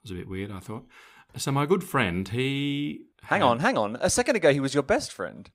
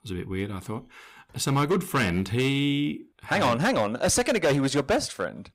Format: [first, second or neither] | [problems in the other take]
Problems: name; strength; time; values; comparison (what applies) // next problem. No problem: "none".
first | distortion; heavy; 8% of the sound clipped